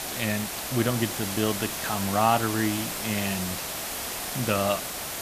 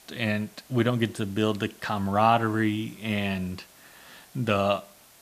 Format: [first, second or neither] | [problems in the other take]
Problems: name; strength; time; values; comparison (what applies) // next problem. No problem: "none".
second | hiss; loud; throughout; 3 dB below the speech; faint in the second